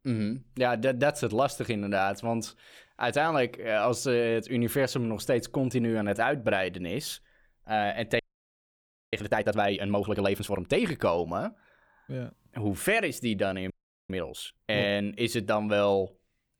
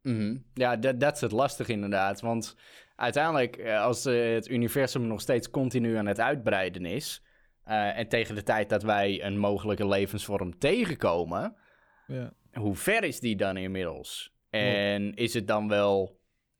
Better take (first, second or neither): second